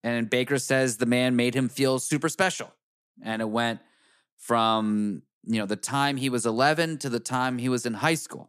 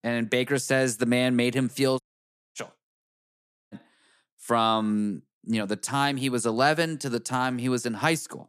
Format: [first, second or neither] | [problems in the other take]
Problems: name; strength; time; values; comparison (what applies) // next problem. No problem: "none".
first | audio cutting out; at 2 s for 0.5 s and at 3 s for 0.5 s